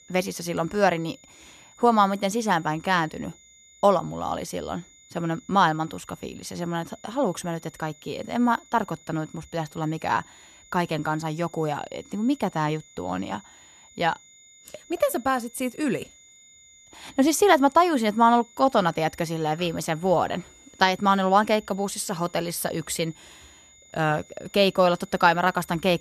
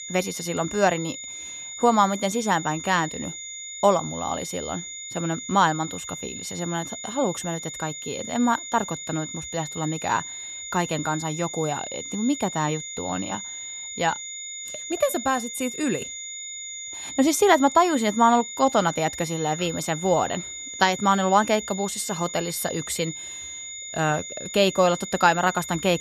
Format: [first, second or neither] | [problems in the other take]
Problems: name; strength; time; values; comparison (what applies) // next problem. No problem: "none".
first | high-pitched whine; loud; throughout; 7 kHz, 9 dB below the speech; faint in the first